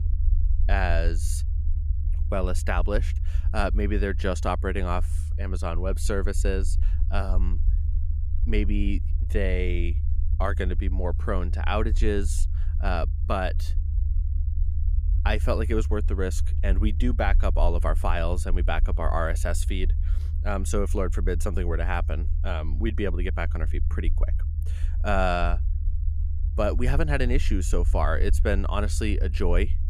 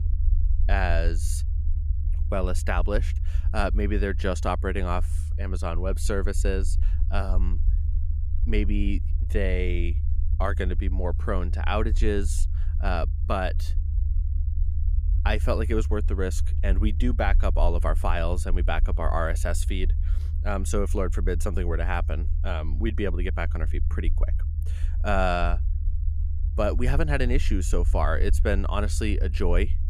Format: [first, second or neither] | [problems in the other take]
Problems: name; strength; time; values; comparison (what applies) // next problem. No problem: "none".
neither | low rumble; noticeable; throughout; 15 dB below the speech; the same in both